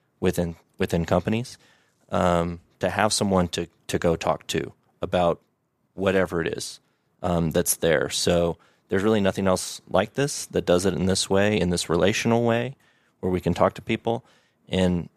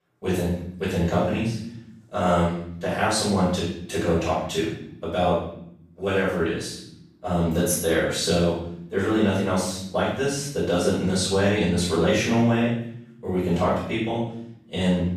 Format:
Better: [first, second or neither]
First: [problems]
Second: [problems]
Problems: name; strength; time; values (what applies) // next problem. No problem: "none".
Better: first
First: none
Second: off-mic speech; far // room echo; noticeable; dies away in 0.7 s